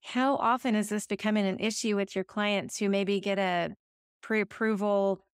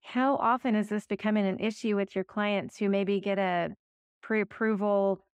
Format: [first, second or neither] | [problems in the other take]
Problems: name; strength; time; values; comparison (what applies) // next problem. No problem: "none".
first | muffled; slightly; fading above 3.5 kHz